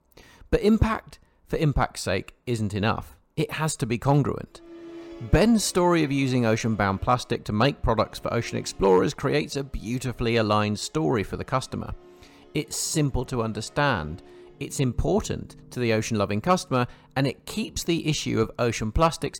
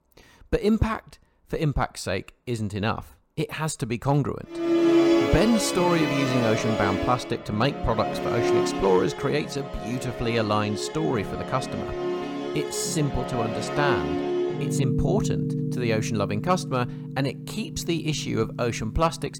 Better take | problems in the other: first | background music; loud; from 4.5 s on; 1 dB below the speech; faint in the first

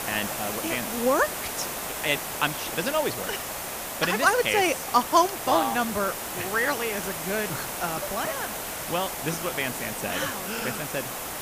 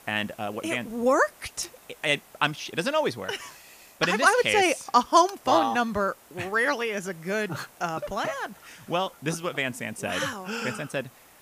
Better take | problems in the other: second | hiss; loud; throughout; 4 dB below the speech; faint in the second

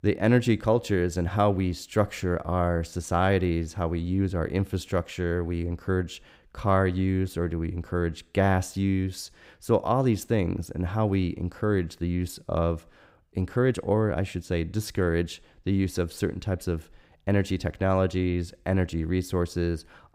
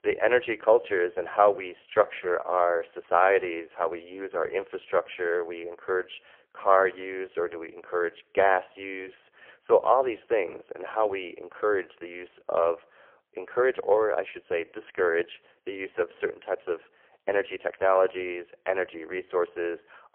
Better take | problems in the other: first | phone-call audio; poor line; nothing above 3 kHz

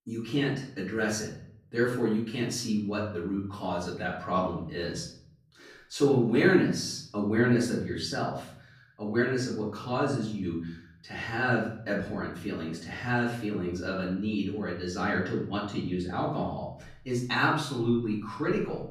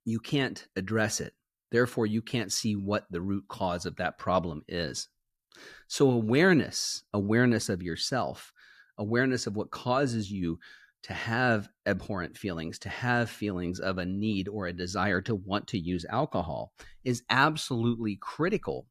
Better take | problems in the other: second | off-mic speech; far // room echo; noticeable; dies away in 0.6 s

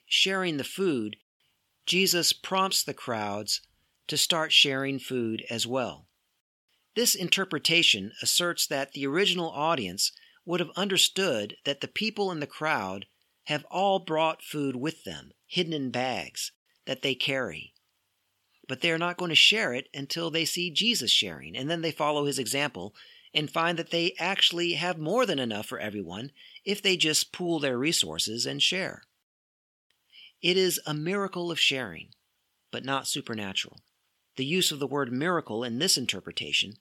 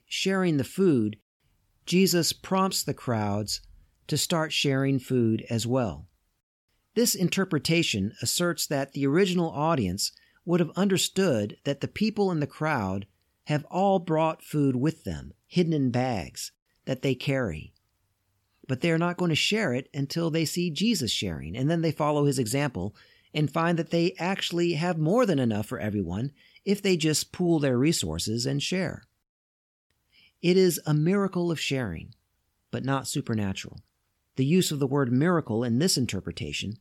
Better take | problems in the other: second | thin; very slightly; fading below 550 Hz

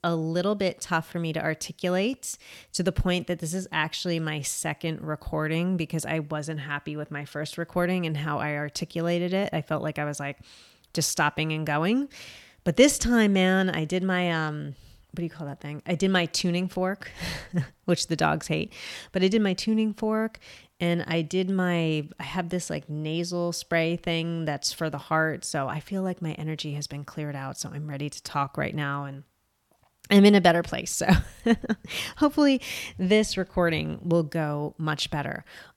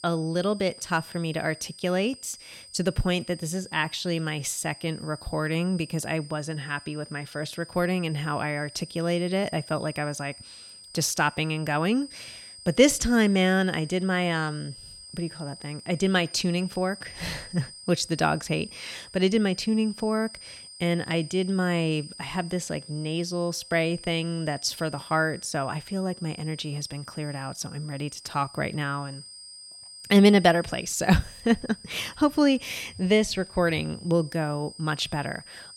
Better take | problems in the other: first | high-pitched whine; noticeable; throughout; 5 kHz, 15 dB below the speech

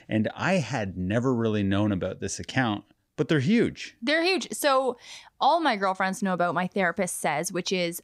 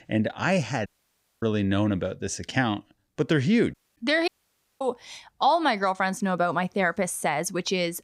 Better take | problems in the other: first | audio cutting out; at 1 s for 0.5 s, at 3.5 s and at 4.5 s for 0.5 s

